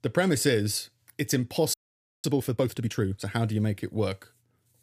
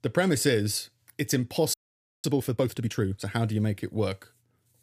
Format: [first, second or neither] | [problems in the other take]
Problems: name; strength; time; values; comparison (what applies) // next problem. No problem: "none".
neither | audio freezing; at 1.5 s for 0.5 s; the same in both